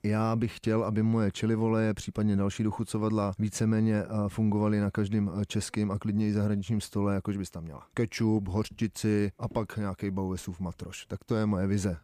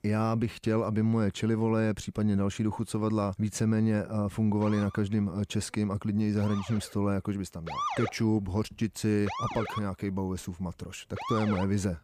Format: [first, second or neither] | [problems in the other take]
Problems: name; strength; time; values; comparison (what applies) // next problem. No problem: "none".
first | siren; noticeable; from 4.5 s on; peak 2 dB below the speech